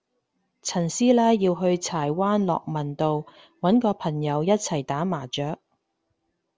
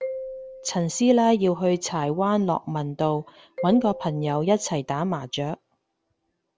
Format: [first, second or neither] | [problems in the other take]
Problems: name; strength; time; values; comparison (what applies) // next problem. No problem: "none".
first | background sound (Marimba, xylophone); 14 dB below the speech